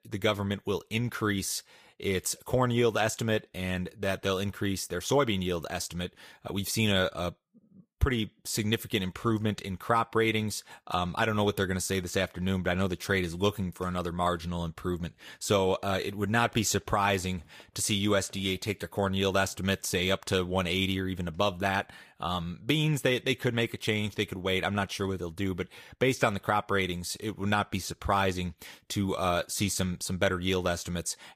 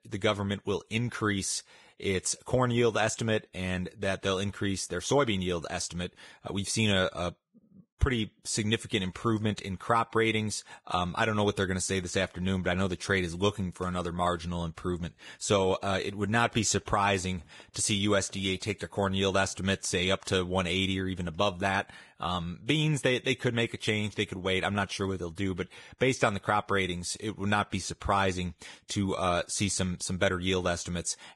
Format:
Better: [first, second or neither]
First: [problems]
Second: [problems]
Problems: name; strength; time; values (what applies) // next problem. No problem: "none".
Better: first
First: garbled, watery; slightly; nothing above 15 kHz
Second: garbled, watery; badly; nothing above 10 kHz